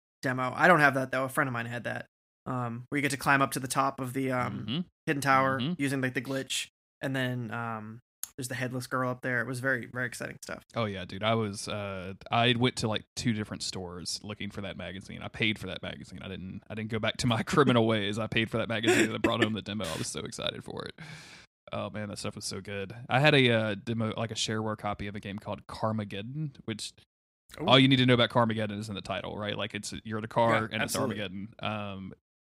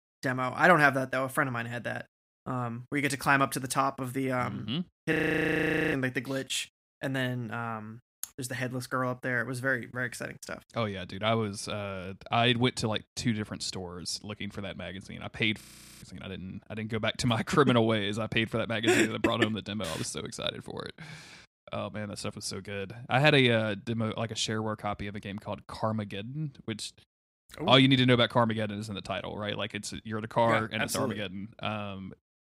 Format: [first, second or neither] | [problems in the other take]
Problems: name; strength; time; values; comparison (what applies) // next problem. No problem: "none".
first | audio freezing; at 5 s for 1 s and at 16 s